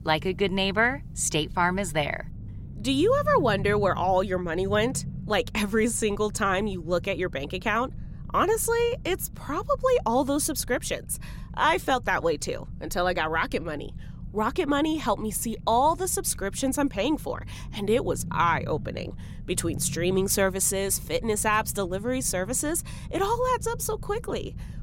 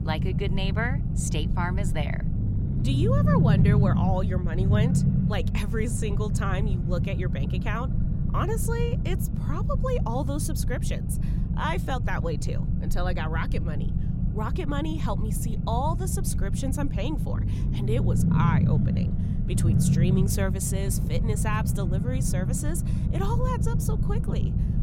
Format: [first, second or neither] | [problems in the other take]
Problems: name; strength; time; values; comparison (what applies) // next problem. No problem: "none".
first | low rumble; loud; throughout; 4 dB below the speech; faint in the first